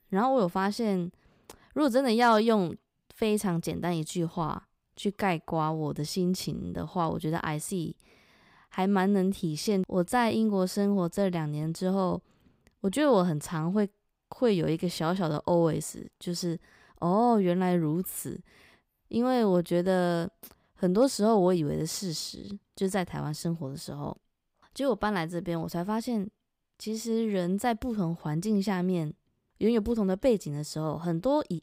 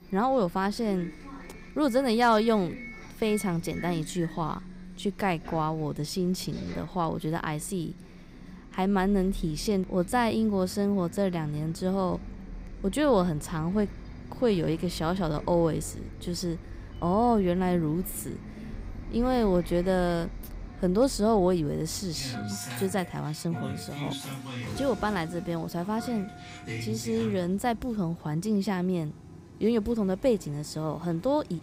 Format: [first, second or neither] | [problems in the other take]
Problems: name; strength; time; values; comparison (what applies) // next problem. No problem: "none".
first | traffic noise; noticeable; throughout; 15 dB below the speech